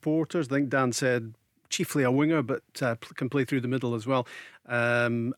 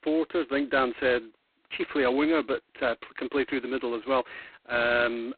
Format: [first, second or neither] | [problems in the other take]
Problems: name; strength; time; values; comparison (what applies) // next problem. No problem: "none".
first | phone-call audio; poor line; nothing above 4 kHz